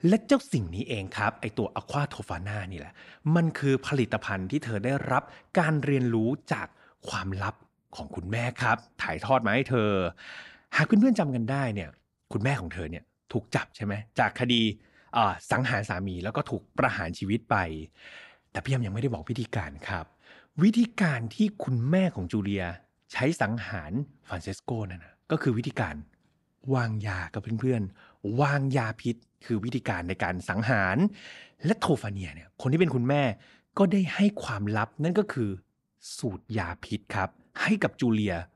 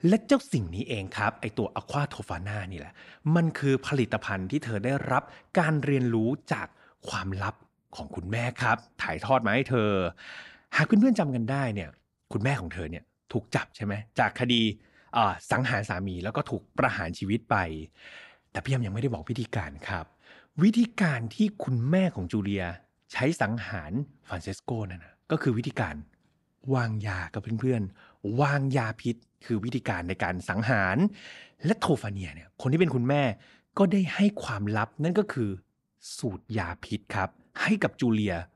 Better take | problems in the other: neither | none

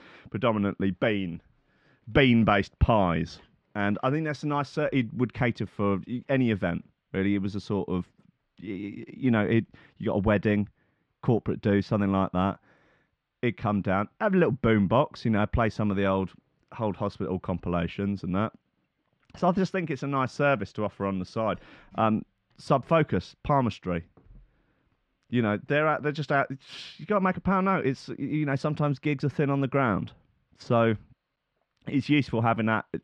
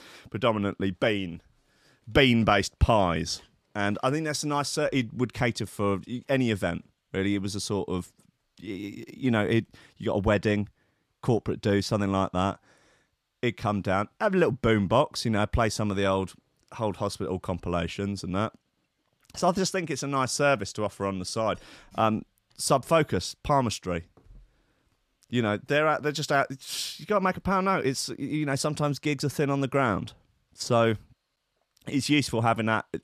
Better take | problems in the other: second | muffled; slightly; fading above 2.5 kHz

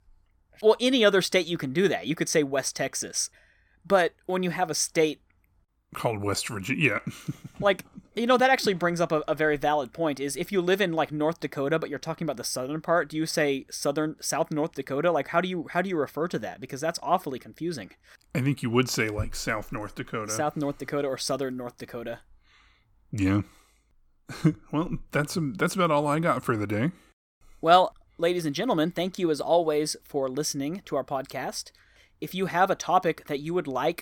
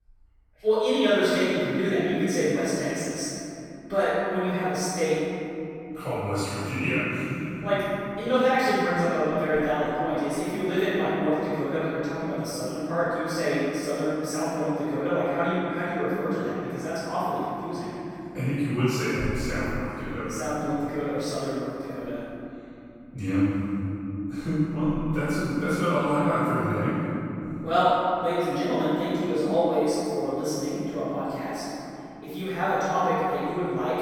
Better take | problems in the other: first | off-mic speech; far // room echo; strong; dies away in 3 s

